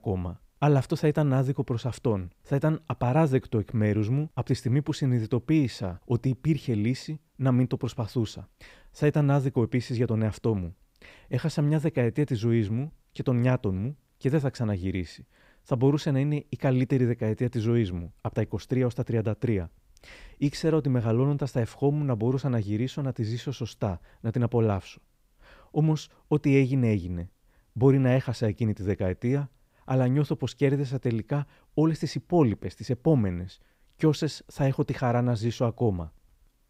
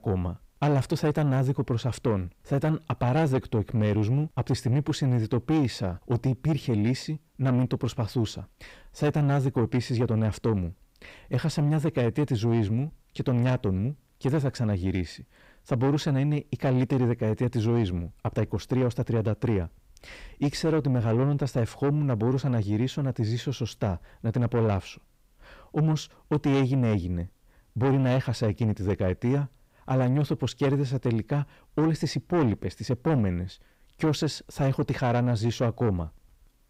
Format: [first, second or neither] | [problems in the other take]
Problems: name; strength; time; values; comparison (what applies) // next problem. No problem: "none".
first | distortion; slight; 10 dB below the speech